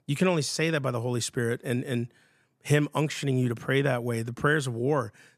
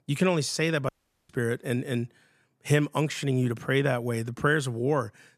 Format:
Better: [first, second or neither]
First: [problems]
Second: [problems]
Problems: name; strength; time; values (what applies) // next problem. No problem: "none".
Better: first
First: none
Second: audio cutting out; at 1 s